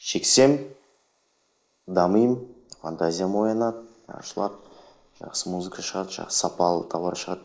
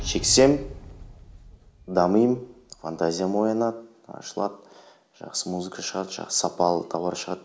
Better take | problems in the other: second | noise reduction (neural mask model Resemble Enhance denoiser)

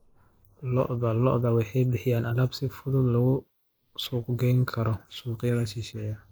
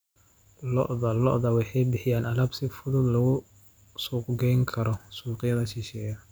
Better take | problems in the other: second | noise reduction (neural mask model Resemble Enhance denoiser)

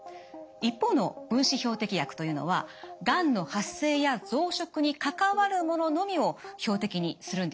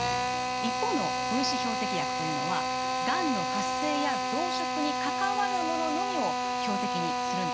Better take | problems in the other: first | background sound (Drill); 4 dB above the speech

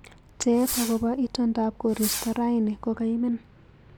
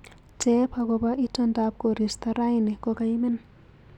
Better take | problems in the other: second | background sound (Fireworks); 10 dB below the speech

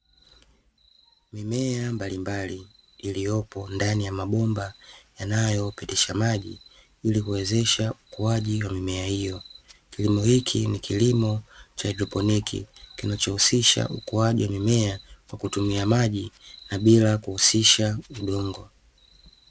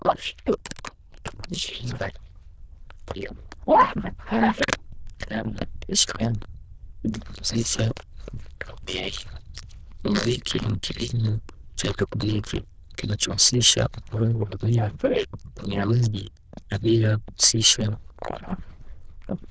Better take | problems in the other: first | noise reduction (neural diffusion model UNIVERSE++)

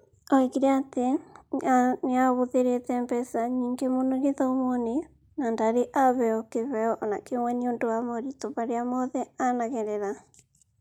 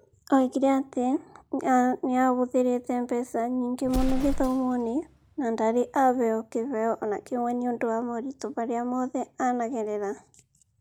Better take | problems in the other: first | background sound (Explosion); 13 dB below the speech

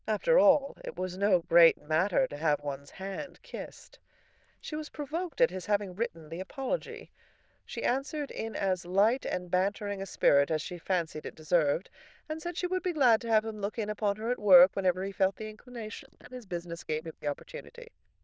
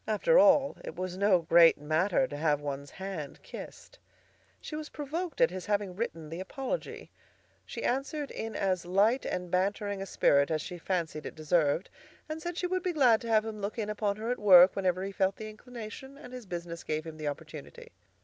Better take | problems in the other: second | noise reduction (neural diffusion model UNIVERSE++)

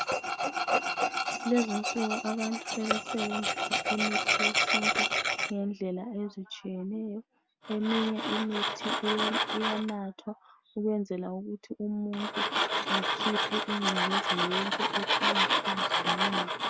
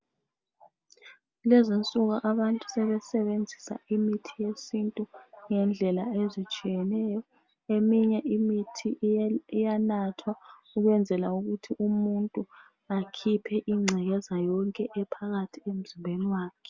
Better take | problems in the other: second | background sound (Tools); 3 dB above the speech

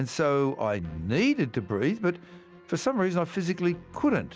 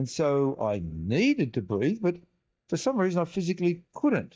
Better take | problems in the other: first | noise reduction (neural mask model DeepFilterNet 3)

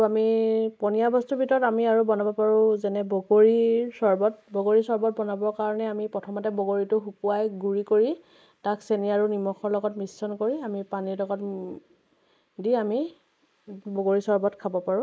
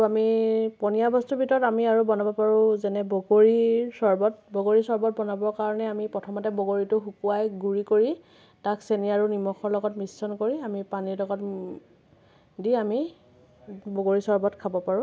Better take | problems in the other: second | noise reduction (neural mask model Resemble Enhance denoiser)

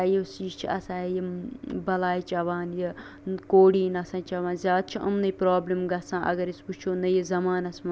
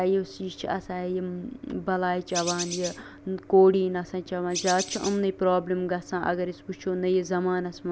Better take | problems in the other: first | background sound (Bird); 8 dB below the speech

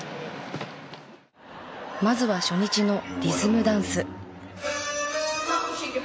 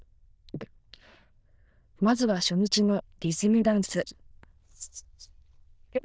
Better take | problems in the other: first | noise reduction (neural diffusion model UNIVERSE++)

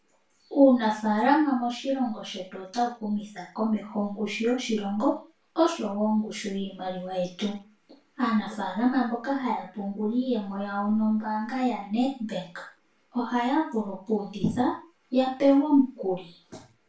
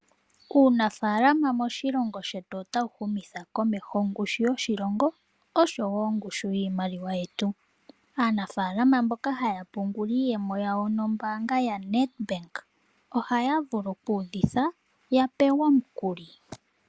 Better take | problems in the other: second | room echo; dies away in 0.3 s

